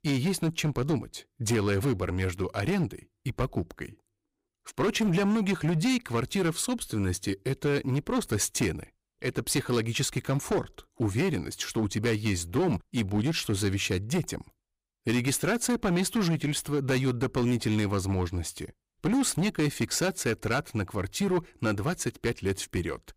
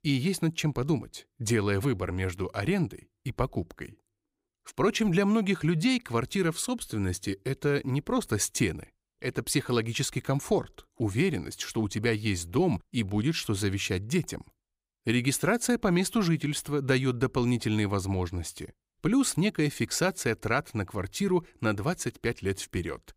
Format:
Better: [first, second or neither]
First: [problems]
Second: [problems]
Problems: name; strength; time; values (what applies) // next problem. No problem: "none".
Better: second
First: distortion; slight; 10% of the sound clipped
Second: none